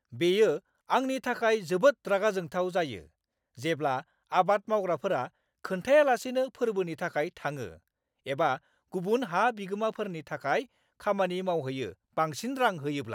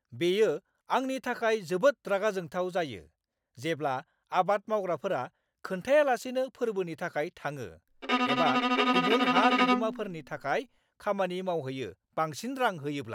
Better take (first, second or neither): first